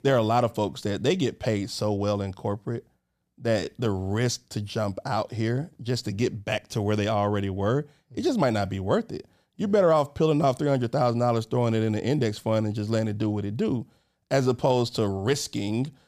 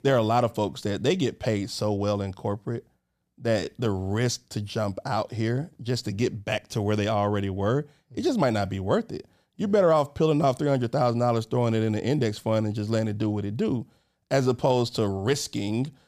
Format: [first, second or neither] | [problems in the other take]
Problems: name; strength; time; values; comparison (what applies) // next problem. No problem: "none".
neither | none